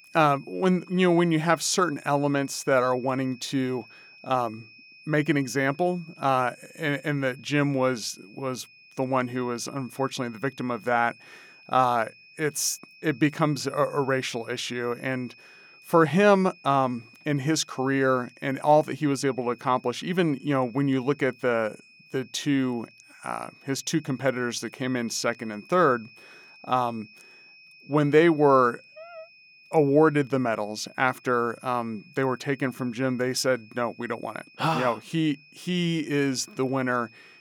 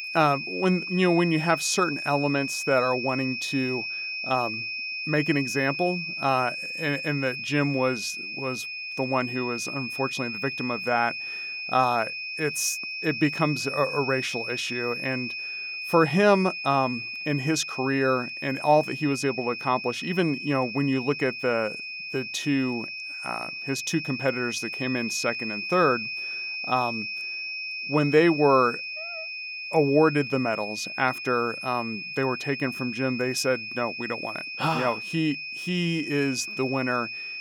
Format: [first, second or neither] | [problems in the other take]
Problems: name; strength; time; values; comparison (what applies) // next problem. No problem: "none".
first | high-pitched whine; loud; throughout; 2.5 kHz, 5 dB below the speech; faint in the first